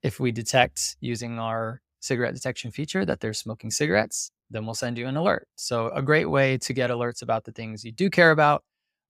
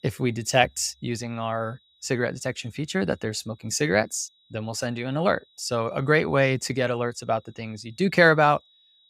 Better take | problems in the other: first | high-pitched whine; faint; throughout; 4 kHz, 35 dB below the speech

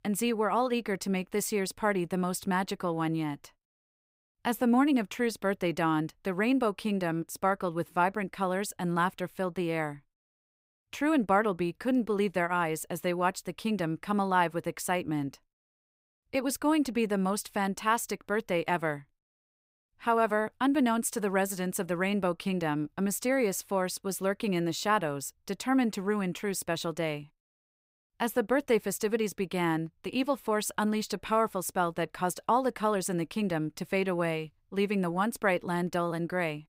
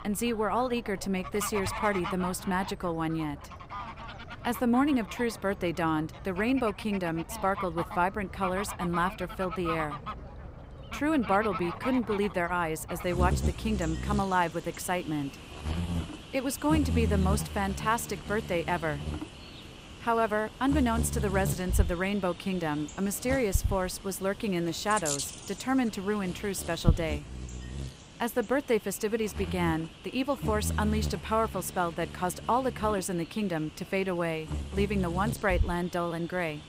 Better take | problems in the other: first | animal sounds; loud; throughout; 7 dB below the speech

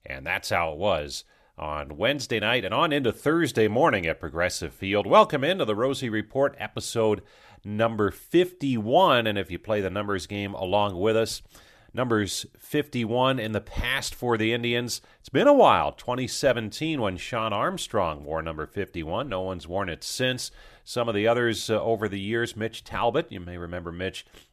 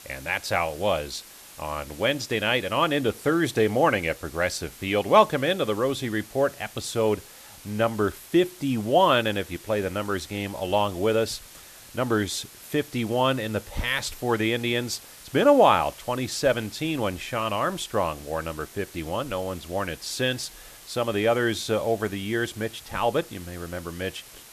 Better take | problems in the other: first | hiss; noticeable; throughout; 20 dB below the speech

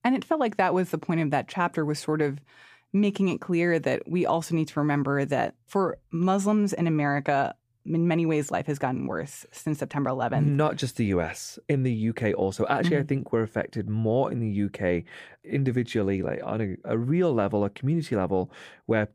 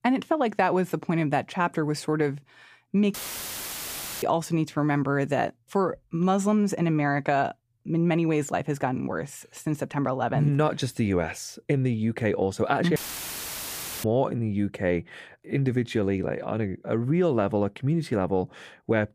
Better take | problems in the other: first | audio cutting out; filled with static; at 3 s for 1 s and at 13 s for 1 s

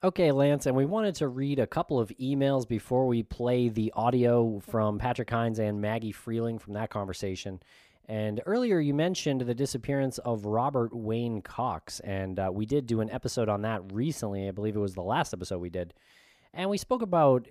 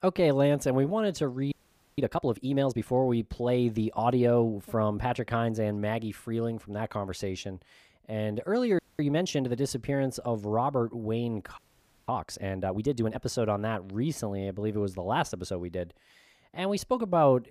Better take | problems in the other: first | audio freezing; at 1.5 s, at 9 s and at 12 s for 0.5 s

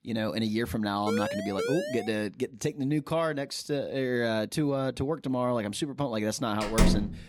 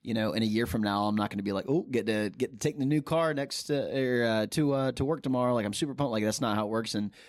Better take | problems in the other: second | siren; noticeable; from 1 to 2 s; peak 2 dB below the speech // door banging; loud; at 6.5 s; peak 4 dB above the speech

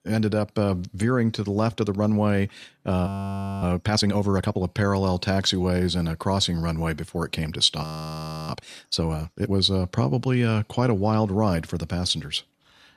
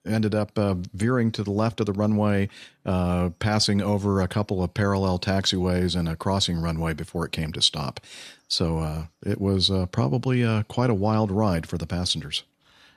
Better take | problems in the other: second | audio freezing; at 3 s for 0.5 s and at 8 s for 0.5 s

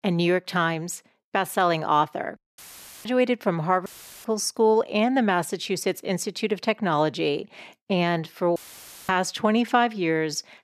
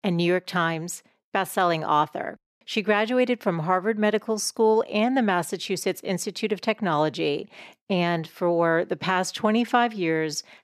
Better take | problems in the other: second | audio cutting out; filled with static; at 2.5 s, at 4 s and at 8.5 s for 0.5 s

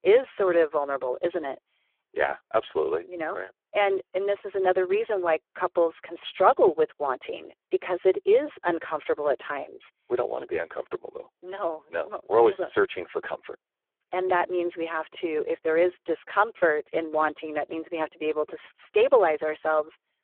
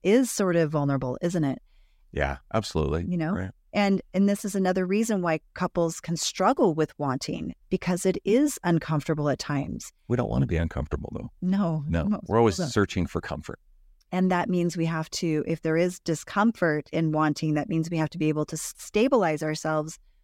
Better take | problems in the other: second | phone-call audio; poor line

